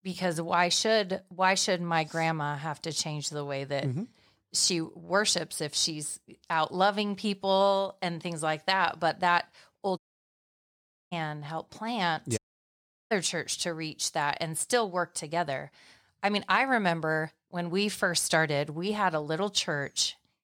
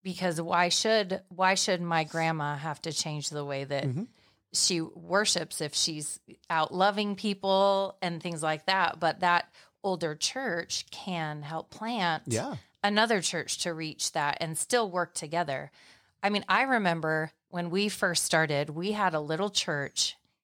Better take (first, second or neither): second